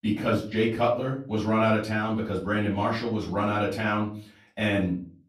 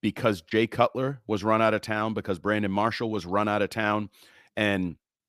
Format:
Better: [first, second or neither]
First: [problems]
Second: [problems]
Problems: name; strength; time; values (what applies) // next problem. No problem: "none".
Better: second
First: room echo; slight; dies away in 0.4 s // off-mic speech; far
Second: none